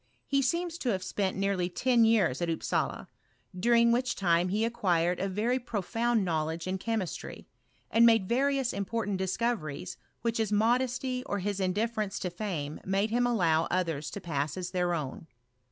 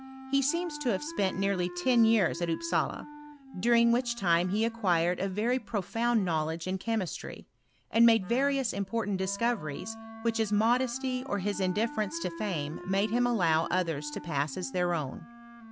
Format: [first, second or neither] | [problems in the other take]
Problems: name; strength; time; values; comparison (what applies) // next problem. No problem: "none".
first | background sound (Wind instrument, woodwind instrument); 15 dB below the speech